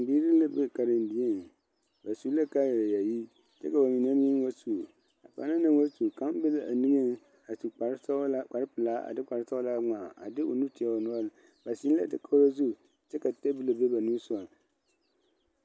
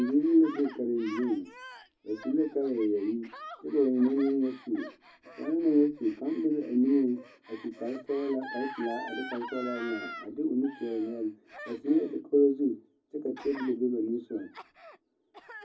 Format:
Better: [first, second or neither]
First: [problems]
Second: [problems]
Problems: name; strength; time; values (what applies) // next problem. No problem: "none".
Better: first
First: none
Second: background sound (Gasp); 17 dB below the speech // room echo; dies away in 0.4 s